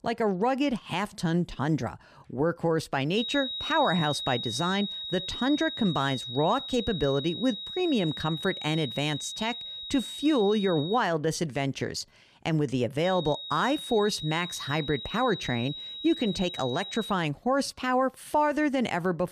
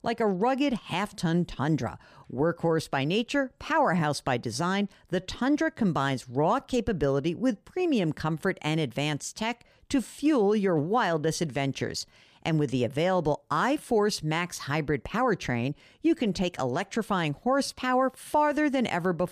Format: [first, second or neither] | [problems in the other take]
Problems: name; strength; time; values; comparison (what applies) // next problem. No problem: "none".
second | high-pitched whine; loud; from 3 to 11 s and from 13 to 17 s; 4 kHz, 7 dB below the speech